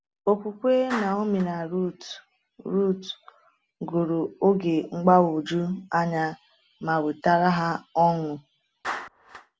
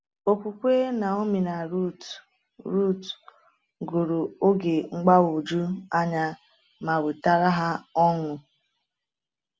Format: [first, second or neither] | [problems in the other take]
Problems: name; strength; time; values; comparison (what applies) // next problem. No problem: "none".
second | background sound (Clapping); 18 dB below the speech